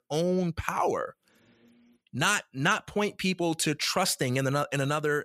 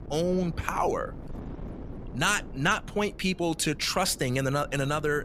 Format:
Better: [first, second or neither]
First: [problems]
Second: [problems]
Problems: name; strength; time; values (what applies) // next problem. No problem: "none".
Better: first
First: none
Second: wind noise on the microphone; occasional gusts; 20 dB below the speech